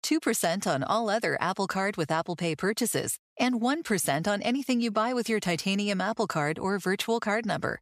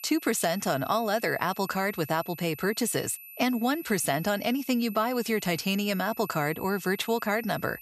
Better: first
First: none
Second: high-pitched whine; noticeable; throughout; 12 kHz, 15 dB below the speech

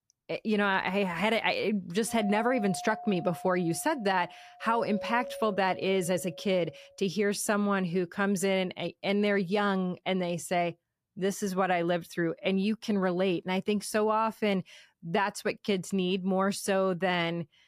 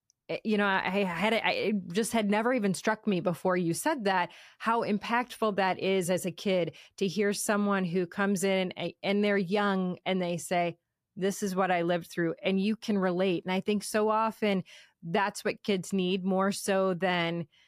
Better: second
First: doorbell; noticeable; from 2 to 7 s; peak 9 dB below the speech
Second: none

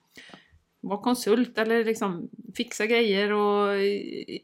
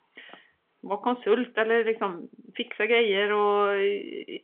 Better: first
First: none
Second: phone-call audio; nothing above 3.5 kHz

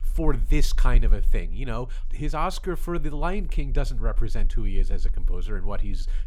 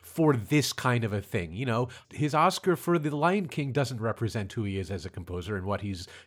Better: second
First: low rumble; faint; throughout; 25 dB below the speech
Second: none

